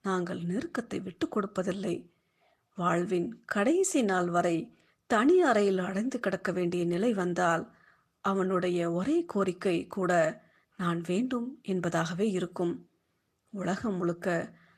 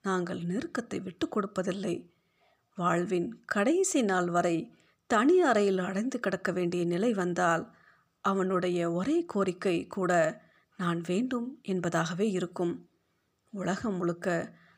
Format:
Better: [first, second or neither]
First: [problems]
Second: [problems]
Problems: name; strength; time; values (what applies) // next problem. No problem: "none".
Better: second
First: garbled, watery; slightly; nothing above 12.5 kHz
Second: none